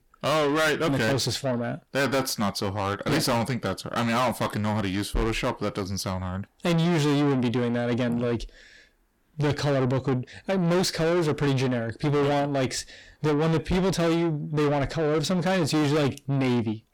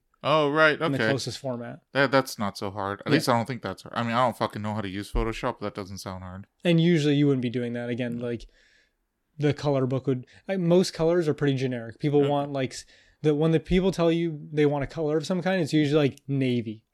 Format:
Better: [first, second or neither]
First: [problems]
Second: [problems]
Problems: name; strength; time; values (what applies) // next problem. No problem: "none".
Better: second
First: distortion; heavy; 6 dB below the speech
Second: none